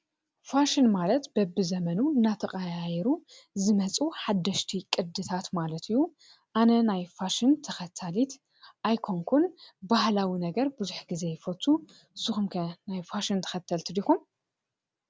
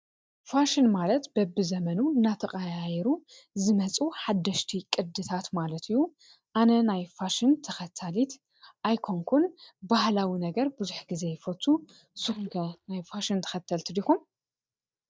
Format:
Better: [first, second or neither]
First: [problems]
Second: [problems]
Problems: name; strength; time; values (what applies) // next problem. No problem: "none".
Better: first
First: none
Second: noise reduction (neural mask model DeepFilterNet 3)